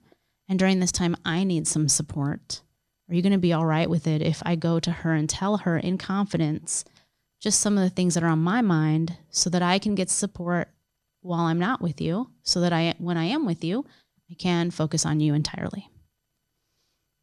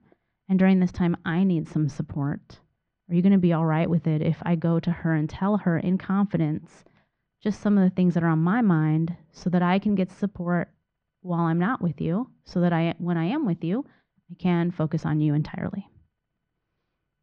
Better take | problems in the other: first | muffled; very; fading above 2.5 kHz

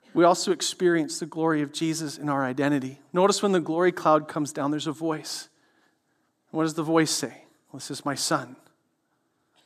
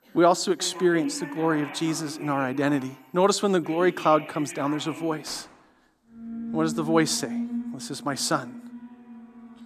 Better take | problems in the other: first | alarms or sirens; noticeable; throughout; 10 dB below the speech

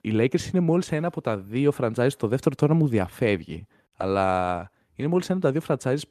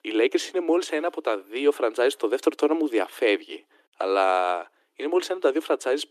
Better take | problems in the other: first | thin; very; fading below 300 Hz

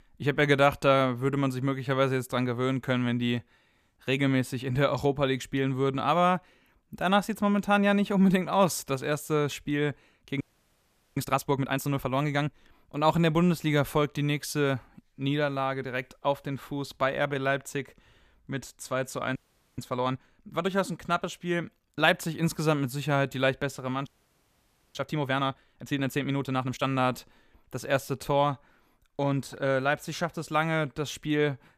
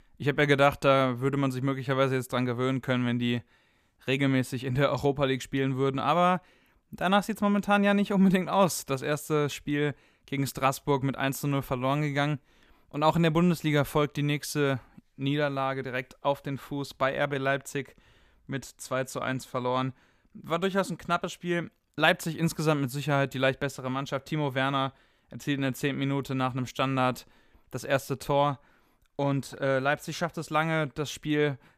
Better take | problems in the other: second | audio freezing; at 10 s for 1 s, at 19 s and at 24 s for 1 s

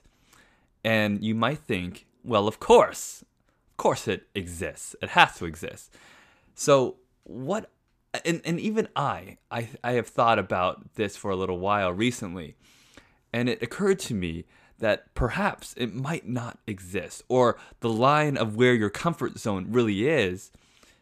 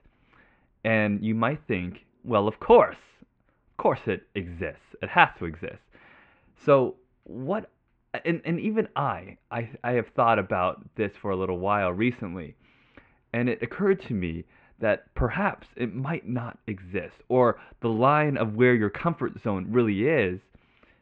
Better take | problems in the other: first | muffled; very; fading above 2.5 kHz

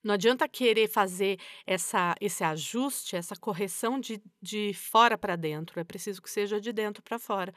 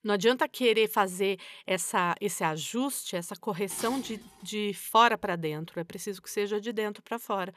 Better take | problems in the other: first | clattering dishes; faint; at 3.5 s; peak 10 dB below the speech

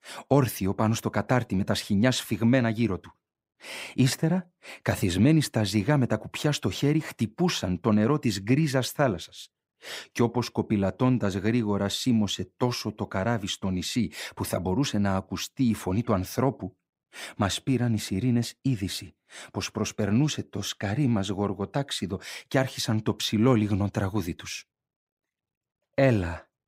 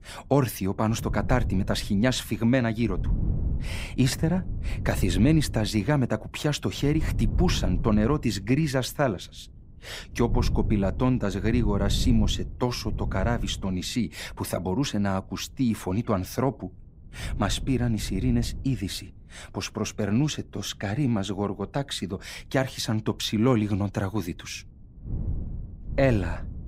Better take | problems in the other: first | wind noise on the microphone; occasional gusts; 15 dB below the speech

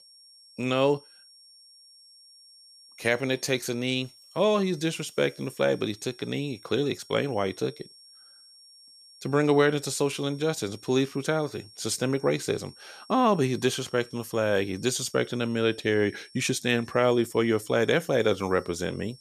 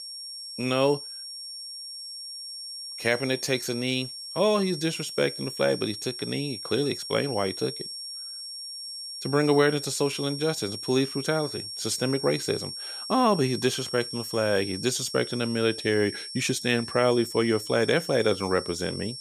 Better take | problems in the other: first | high-pitched whine; loud; throughout; 5.5 kHz, 8 dB below the speech; faint in the first

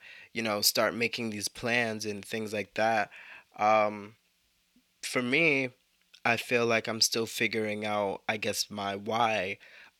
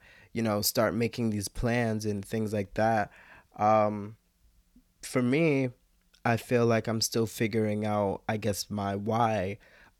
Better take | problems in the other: second | thin; very slightly; fading below 700 Hz

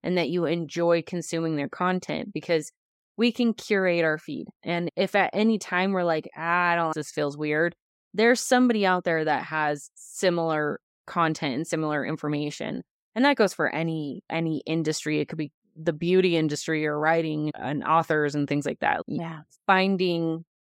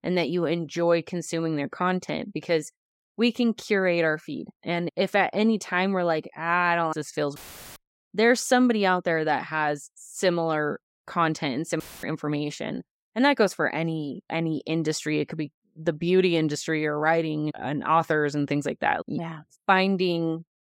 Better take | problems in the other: first | audio cutting out; filled with static; at 7.5 s and at 12 s

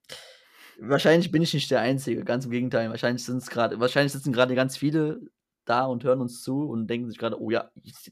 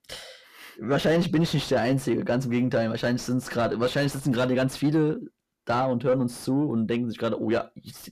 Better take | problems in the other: first | distortion; heavy; 8 dB below the speech

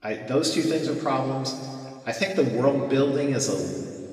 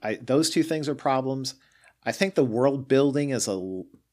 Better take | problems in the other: second | room echo; noticeable; dies away in 2.1 s // off-mic speech; far

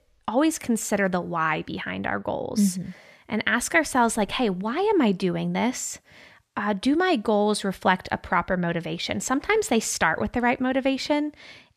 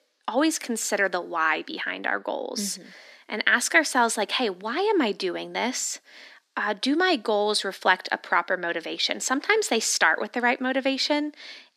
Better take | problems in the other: first | thin; very slightly; fading below 250 Hz

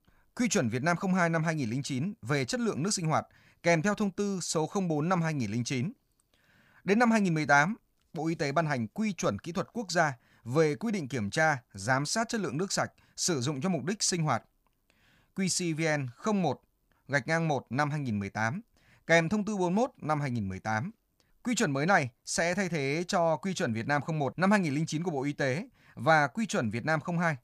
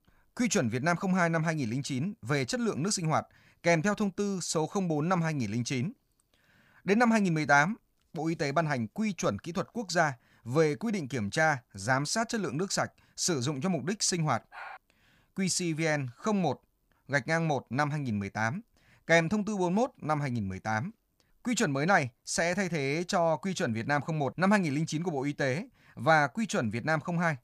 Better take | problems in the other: first | dog barking; faint; at 15 s; peak 15 dB below the speech

